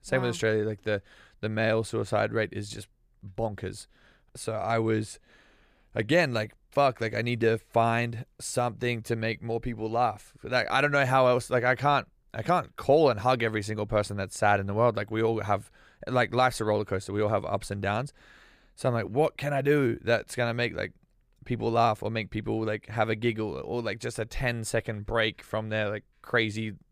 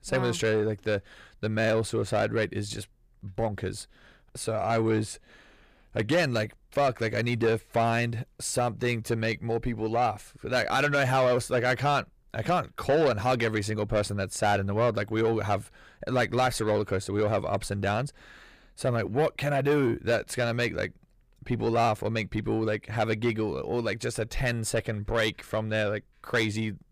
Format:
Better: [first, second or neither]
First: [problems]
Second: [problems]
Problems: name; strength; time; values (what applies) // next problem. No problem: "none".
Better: first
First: none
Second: distortion; slight; 10 dB below the speech